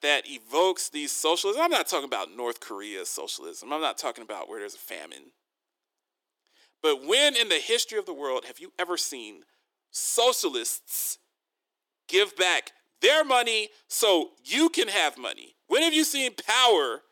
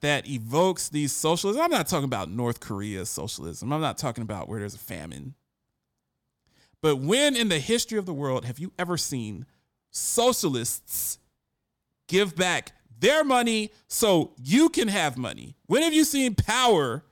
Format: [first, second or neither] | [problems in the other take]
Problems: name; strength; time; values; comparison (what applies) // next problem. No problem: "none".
second | thin; somewhat; fading below 350 Hz